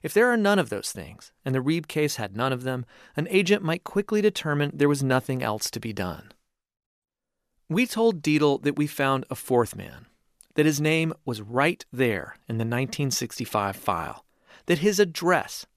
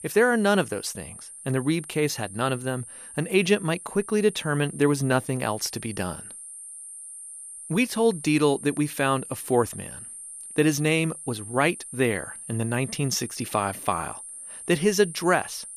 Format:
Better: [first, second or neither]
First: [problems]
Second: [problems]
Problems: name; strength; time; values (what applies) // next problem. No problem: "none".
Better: first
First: none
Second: high-pitched whine; noticeable; throughout; 9 kHz, 15 dB below the speech